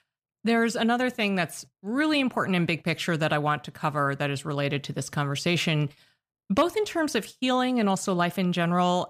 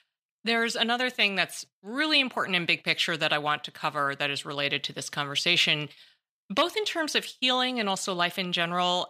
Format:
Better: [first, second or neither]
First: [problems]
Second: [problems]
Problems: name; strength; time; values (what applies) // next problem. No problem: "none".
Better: first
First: none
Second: thin; very slightly; fading below 450 Hz